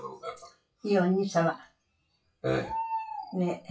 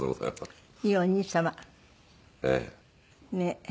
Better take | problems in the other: second | noise reduction (classical method WPE with log-MMSE)

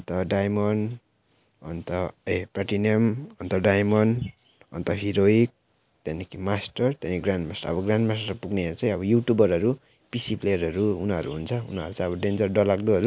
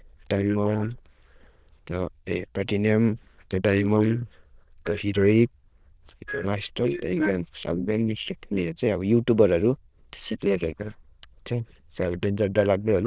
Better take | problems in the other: first | noise reduction (neural diffusion model UNIVERSE++)

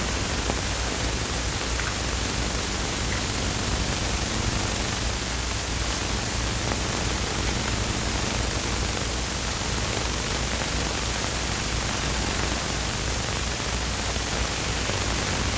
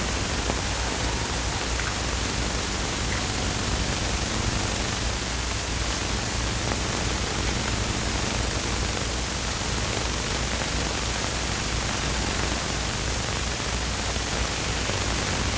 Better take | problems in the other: first | background sound (Applause / Cheering); 19 dB below the speech

